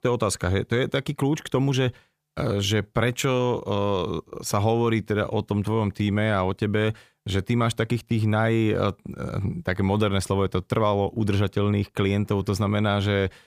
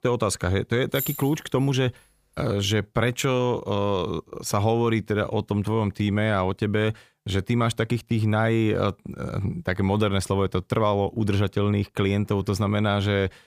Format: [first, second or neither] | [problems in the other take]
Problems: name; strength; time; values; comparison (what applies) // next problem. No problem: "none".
first | jangling keys; noticeable; at 1 s; peak 6 dB below the speech